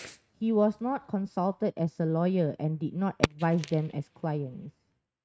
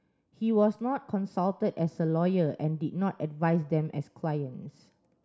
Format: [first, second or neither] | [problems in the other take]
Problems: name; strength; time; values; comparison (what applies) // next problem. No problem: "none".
second | noise reduction (neural mask model RNNoise)